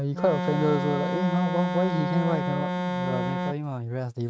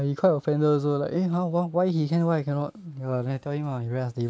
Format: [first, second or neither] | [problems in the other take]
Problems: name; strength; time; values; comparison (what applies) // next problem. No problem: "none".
second | noise reduction (neural mask model RNNoise)